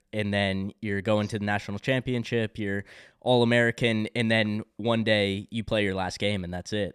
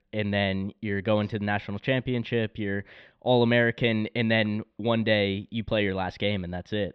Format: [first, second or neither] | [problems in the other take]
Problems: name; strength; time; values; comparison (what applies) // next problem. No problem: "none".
first | muffled; slightly; fading above 3.5 kHz